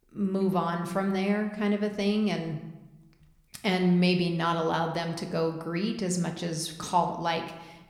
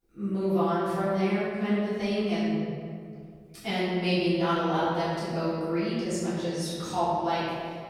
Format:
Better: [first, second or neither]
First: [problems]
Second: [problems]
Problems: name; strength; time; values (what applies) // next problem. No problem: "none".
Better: first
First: room echo; slight; dies away in 0.7 s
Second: room echo; strong; dies away in 1.9 s // off-mic speech; far